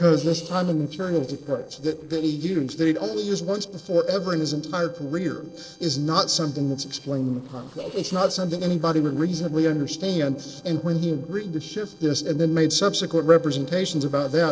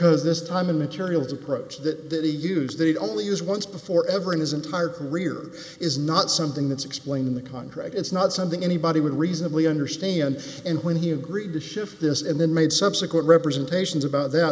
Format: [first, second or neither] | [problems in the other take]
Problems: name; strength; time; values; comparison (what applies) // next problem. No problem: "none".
second | noise reduction (neural separator model SepFormer DNS4)